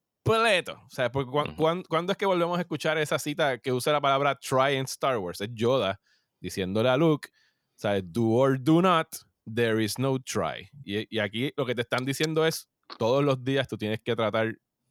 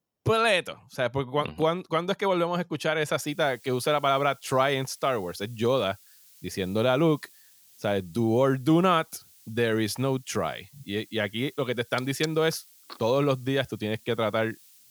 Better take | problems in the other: first | hiss; faint; from 3 s on; 25 dB below the speech

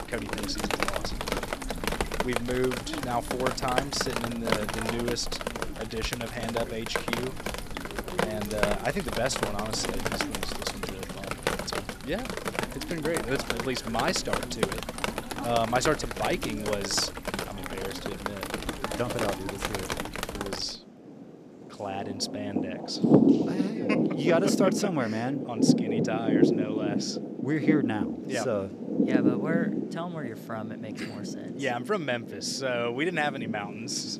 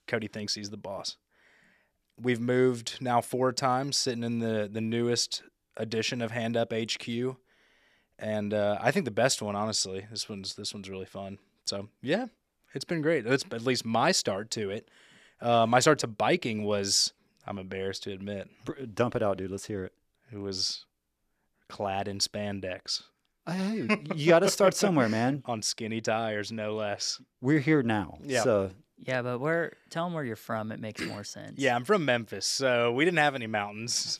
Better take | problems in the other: second | rain or running water; very loud; throughout; 1 dB above the speech

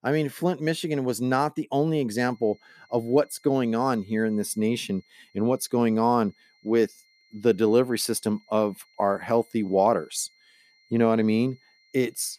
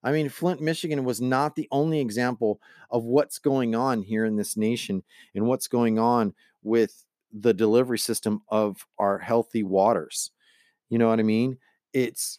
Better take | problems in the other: second | high-pitched whine; faint; from 2.5 s on; 2 kHz, 35 dB below the speech

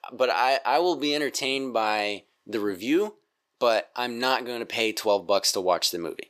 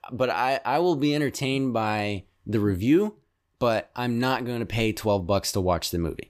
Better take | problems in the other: second | thin; somewhat; fading below 450 Hz

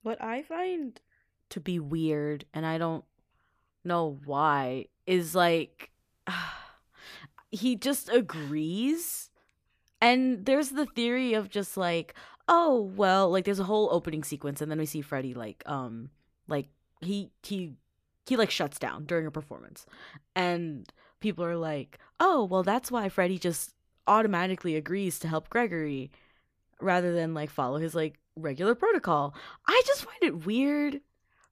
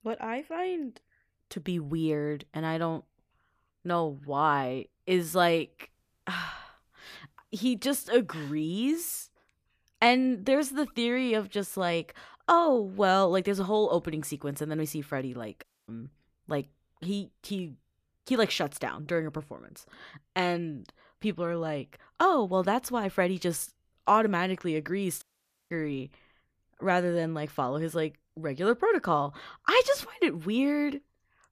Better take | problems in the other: first | audio cutting out; at 16 s and at 25 s

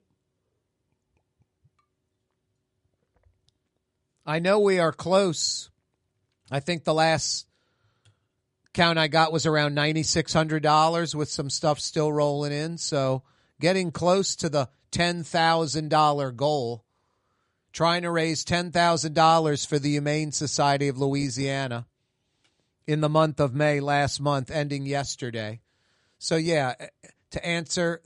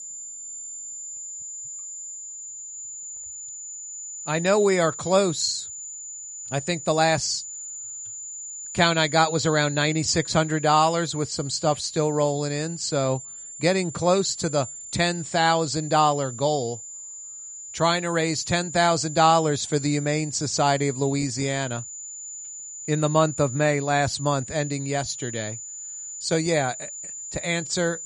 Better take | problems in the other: first | high-pitched whine; noticeable; throughout; 7 kHz, 10 dB below the speech

